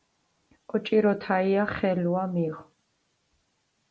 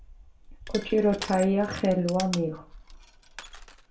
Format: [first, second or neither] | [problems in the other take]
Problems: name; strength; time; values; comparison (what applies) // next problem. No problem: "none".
first | background sound (Crushing); 14 dB below the speech // room echo; dies away in 0.3 s